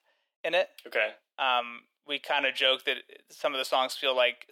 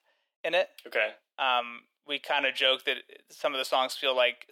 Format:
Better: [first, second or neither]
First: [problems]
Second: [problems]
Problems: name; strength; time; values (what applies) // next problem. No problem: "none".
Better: neither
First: thin; very; fading below 500 Hz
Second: thin; very; fading below 500 Hz